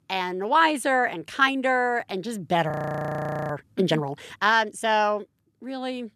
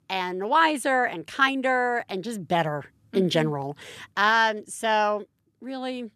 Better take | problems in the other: second | audio freezing; at 2.5 s for 1 s

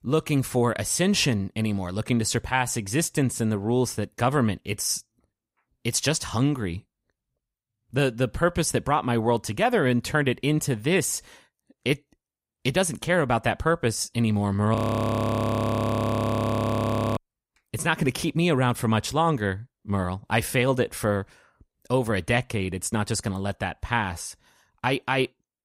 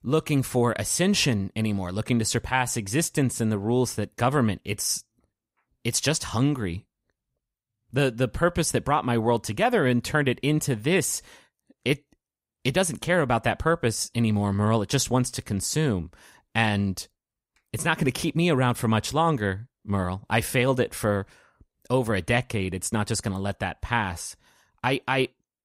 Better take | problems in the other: second | audio freezing; at 15 s for 2.5 s

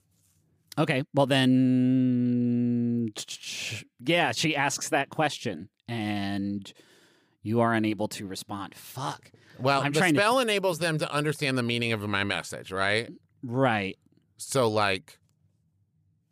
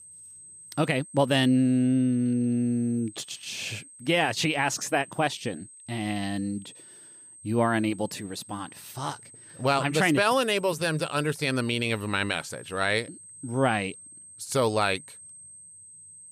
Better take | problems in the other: first | high-pitched whine; noticeable; throughout; 8.5 kHz, 20 dB below the speech

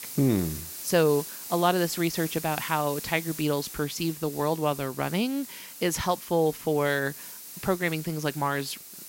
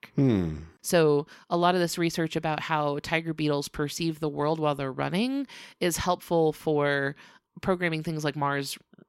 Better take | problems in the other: second | hiss; noticeable; throughout; 10 dB below the speech

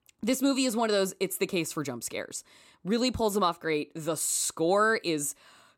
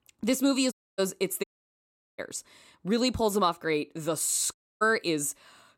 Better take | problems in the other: first | audio cutting out; at 0.5 s, at 1.5 s for 0.5 s and at 4.5 s

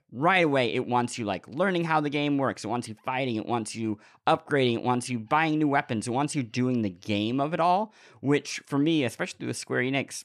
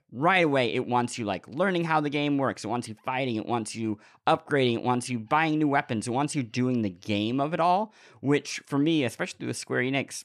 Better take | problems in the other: neither | none

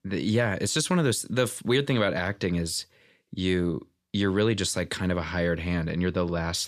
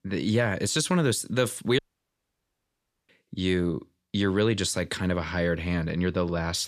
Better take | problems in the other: first | audio cutting out; at 2 s for 1.5 s

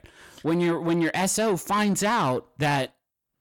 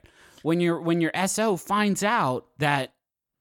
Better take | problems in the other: second | distortion; slight; 10 dB below the speech

